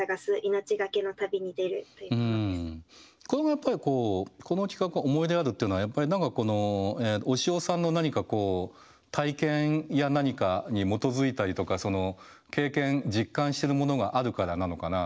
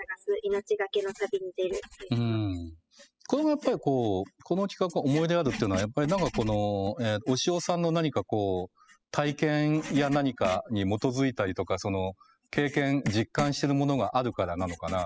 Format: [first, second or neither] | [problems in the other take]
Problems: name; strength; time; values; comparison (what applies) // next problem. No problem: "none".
first | noise reduction (classical method spectral subtraction)